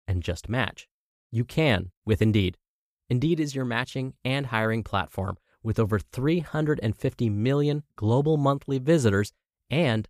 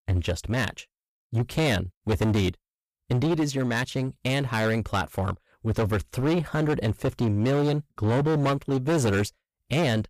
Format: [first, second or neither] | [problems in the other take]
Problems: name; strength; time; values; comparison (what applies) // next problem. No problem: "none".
first | distortion; heavy; 17% of the sound clipped